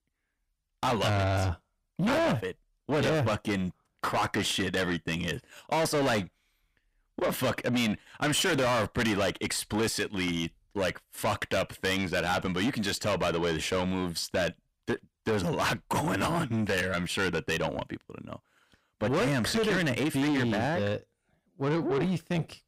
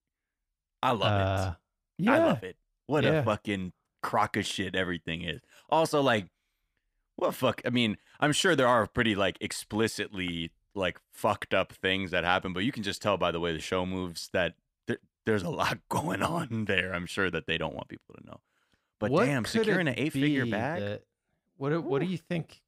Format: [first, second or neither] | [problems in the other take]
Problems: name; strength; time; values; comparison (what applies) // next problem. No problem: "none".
second | distortion; heavy; 6 dB below the speech